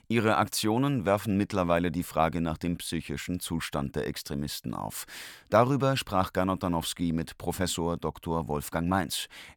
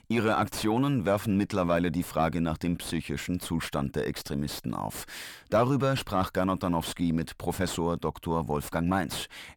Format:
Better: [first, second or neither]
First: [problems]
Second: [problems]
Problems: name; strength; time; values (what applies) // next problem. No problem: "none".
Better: first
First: none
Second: distortion; slight; 10 dB below the speech